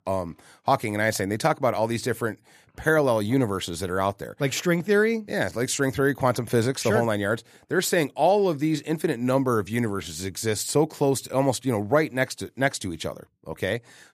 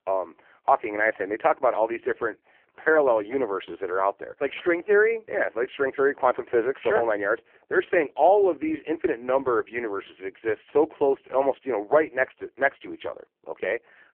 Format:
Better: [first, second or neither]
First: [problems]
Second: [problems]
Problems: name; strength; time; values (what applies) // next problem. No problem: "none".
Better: first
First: none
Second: phone-call audio; poor line